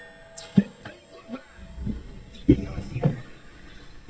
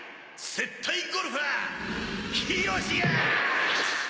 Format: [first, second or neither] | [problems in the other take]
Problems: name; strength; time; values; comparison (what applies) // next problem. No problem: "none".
second | noise reduction (neural mask model DeepFilterNet 3)